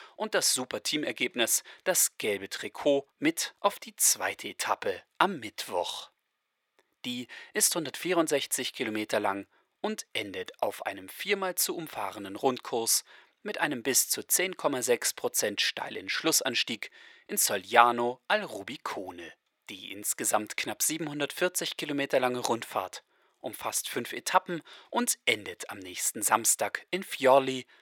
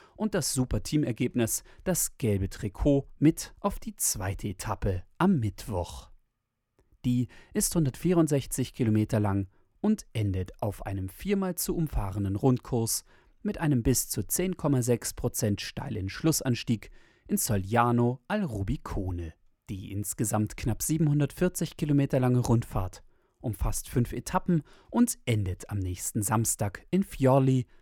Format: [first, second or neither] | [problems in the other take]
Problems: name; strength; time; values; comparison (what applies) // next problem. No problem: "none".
second | thin; very; fading below 550 Hz